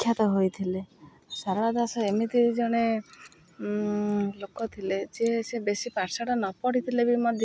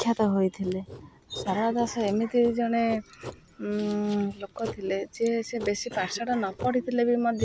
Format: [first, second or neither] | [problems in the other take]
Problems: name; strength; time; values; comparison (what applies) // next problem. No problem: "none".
first | background sound (Cough + Writing); 14 dB below the speech